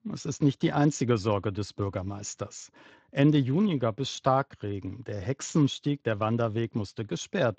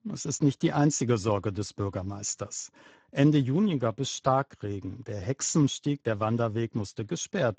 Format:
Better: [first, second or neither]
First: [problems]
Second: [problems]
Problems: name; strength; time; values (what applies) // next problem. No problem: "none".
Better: first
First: garbled, watery; slightly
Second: garbled, watery; badly; nothing above 7.5 kHz